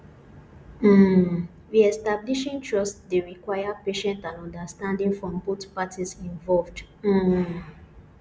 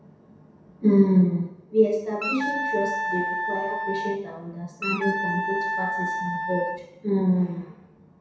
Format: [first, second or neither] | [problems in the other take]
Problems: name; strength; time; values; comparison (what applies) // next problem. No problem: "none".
first | background sound (Wind instrument, woodwind instrument); 3 dB below the speech // room echo; dies away in 0.7 s